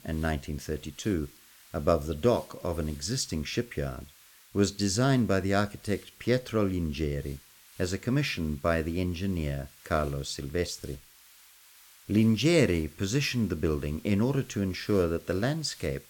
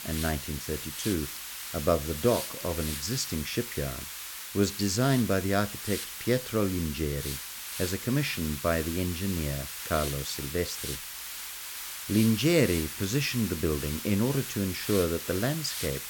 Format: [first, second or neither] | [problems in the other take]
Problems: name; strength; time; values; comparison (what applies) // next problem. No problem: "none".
first | hiss; loud; throughout; 6 dB below the speech; faint in the first